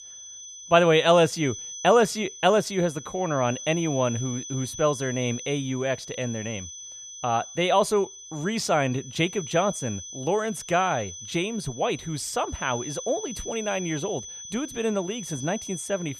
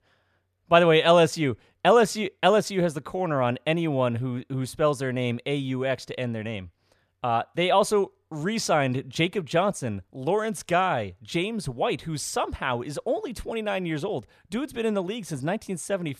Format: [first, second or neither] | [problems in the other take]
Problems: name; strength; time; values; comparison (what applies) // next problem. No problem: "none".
second | high-pitched whine; noticeable; throughout; 6 kHz, 10 dB below the speech